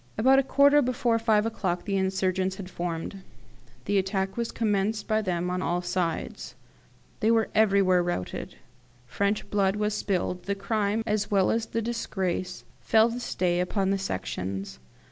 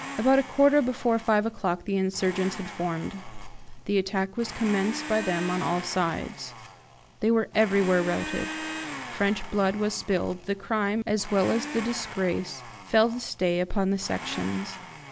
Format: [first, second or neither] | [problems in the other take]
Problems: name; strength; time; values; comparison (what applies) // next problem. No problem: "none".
first | background sound (Domestic sounds, home sounds); 12 dB below the speech